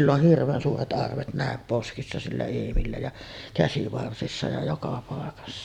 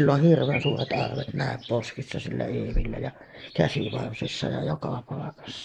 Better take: first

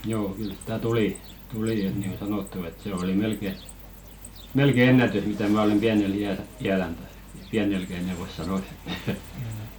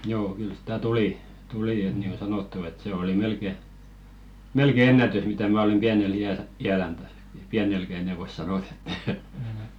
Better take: second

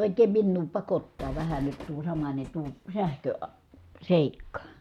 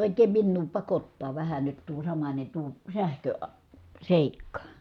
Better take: second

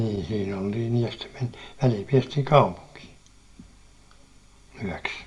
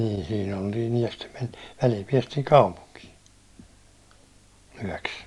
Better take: second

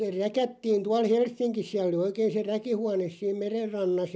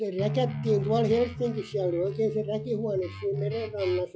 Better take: first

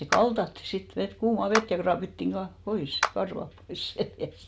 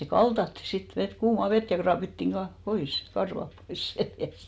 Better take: second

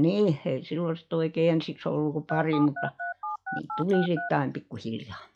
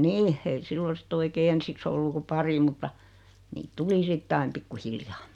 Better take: second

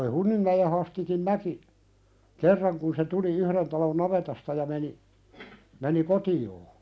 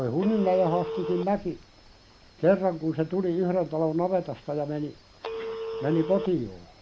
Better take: first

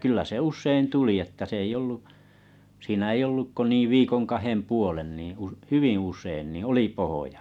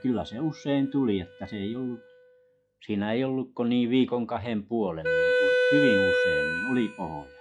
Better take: first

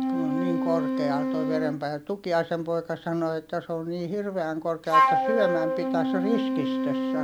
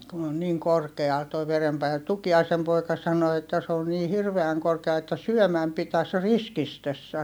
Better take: second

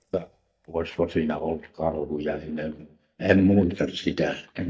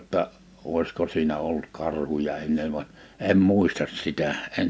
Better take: second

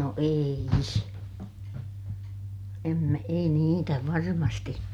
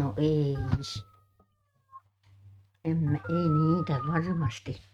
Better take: first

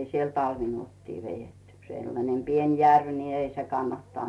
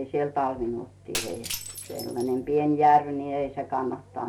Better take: first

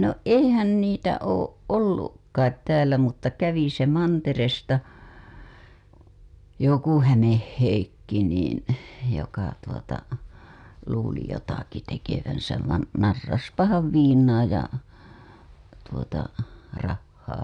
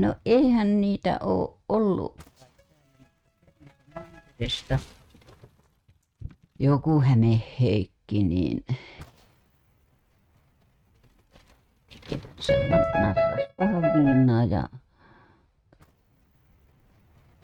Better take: first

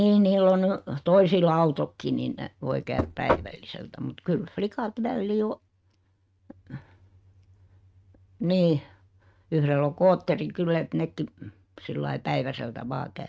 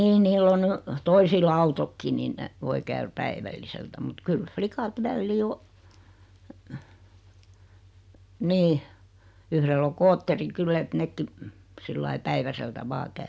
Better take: second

